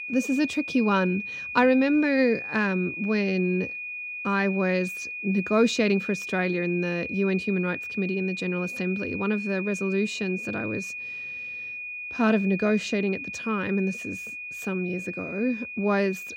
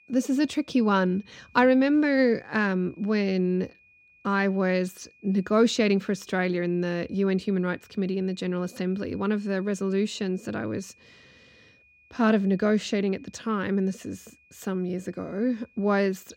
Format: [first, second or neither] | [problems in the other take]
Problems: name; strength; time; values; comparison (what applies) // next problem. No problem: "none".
second | high-pitched whine; loud; throughout; 2.5 kHz, 7 dB below the speech; faint in the second